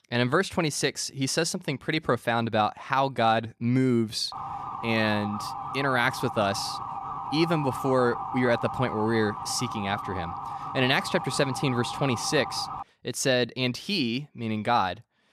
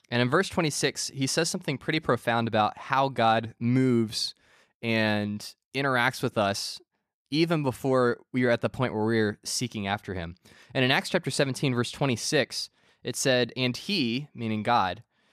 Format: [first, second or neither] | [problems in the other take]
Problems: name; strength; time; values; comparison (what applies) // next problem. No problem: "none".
second | siren; noticeable; from 4.5 to 13 s; peak 6 dB below the speech